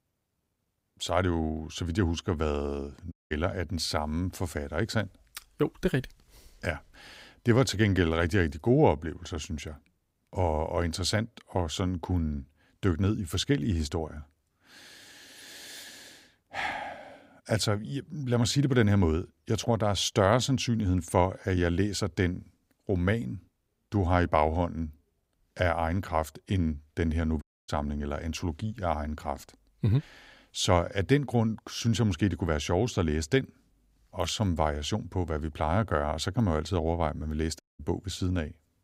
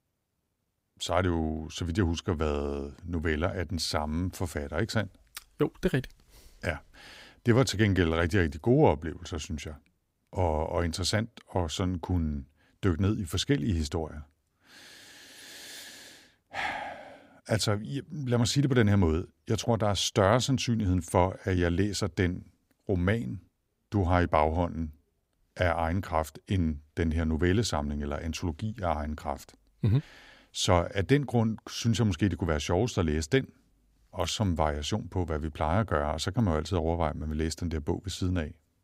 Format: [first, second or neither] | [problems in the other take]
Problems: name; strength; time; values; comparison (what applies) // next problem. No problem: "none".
second | audio cutting out; at 3 s, at 27 s and at 38 s